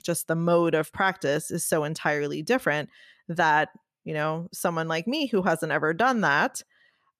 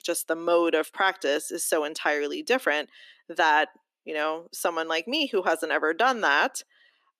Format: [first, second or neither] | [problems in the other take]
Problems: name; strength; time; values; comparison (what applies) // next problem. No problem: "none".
first | thin; somewhat; fading below 300 Hz